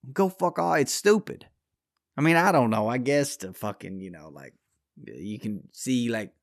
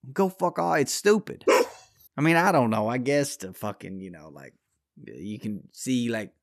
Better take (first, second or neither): first